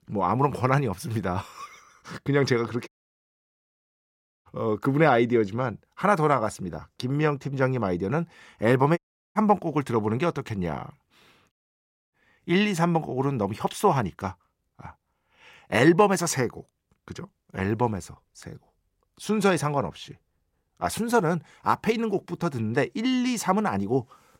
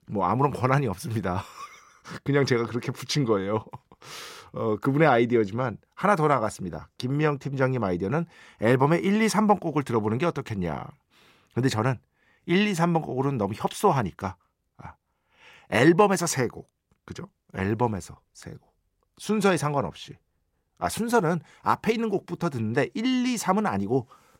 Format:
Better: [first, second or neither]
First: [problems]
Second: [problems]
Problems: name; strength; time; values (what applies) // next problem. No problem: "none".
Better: second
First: audio cutting out; at 3 s for 1.5 s, at 9 s and at 12 s for 0.5 s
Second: none